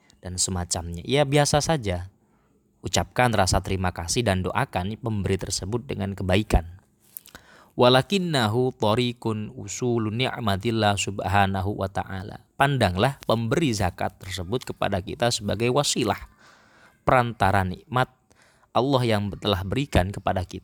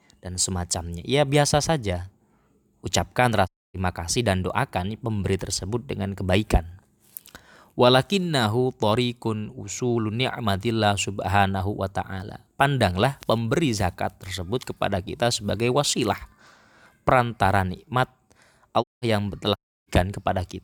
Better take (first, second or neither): first